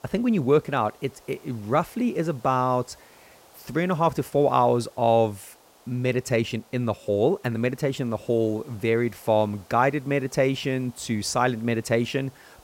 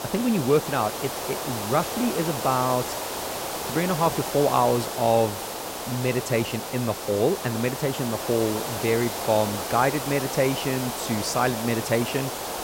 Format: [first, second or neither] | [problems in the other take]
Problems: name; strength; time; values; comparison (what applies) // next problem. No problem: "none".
first | hiss; loud; throughout; 5 dB below the speech; faint in the first